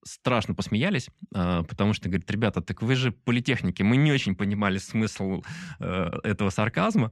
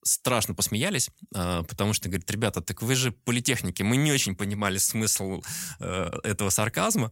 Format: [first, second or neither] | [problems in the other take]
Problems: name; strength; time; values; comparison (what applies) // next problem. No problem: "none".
second | muffled; slightly; fading above 2.5 kHz